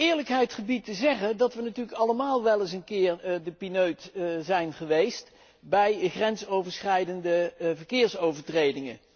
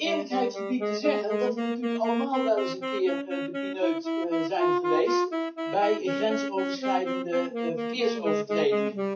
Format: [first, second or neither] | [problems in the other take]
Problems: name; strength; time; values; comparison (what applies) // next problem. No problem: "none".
first | noise reduction (classical method WPE with log-MMSE)